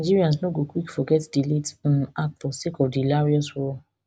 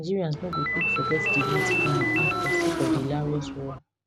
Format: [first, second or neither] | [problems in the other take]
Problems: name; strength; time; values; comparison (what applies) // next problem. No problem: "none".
first | background sound (Motorcycle / Engine + Ringtone); 4 dB above the speech